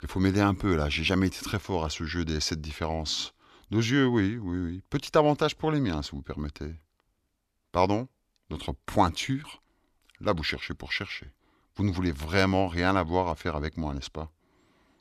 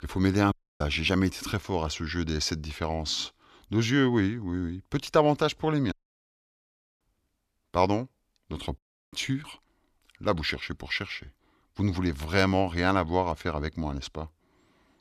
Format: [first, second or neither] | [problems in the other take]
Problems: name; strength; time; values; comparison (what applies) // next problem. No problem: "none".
first | audio cutting out; at 0.5 s, at 6 s for 1 s and at 9 s